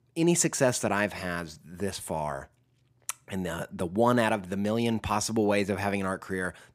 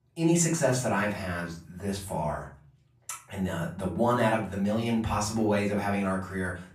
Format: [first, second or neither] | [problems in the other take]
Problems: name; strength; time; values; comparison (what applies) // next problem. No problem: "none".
first | off-mic speech; far // room echo; slight; dies away in 0.4 s